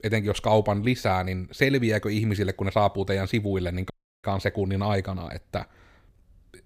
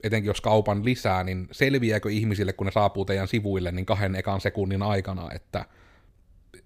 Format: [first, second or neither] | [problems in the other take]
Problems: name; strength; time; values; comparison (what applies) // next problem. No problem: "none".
second | audio cutting out; at 4 s